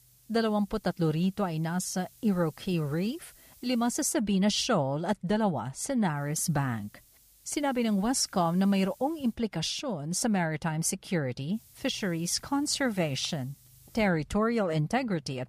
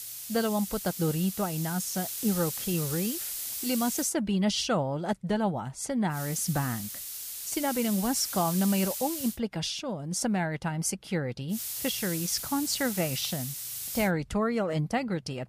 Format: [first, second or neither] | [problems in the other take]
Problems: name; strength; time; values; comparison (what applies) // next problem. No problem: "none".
first | hiss; loud; until 4 s, from 6 to 9.5 s and from 12 to 14 s; 4 dB below the speech; faint in the first